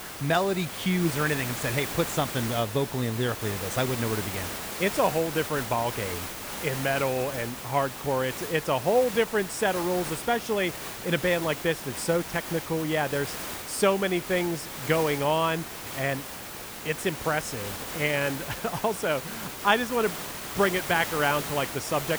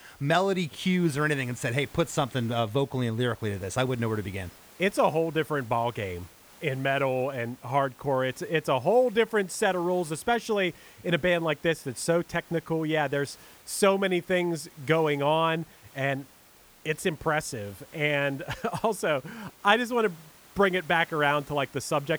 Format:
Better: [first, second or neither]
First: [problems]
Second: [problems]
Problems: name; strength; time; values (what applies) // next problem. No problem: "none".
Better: second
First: hiss; loud; throughout; 7 dB below the speech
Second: hiss; faint; throughout; 25 dB below the speech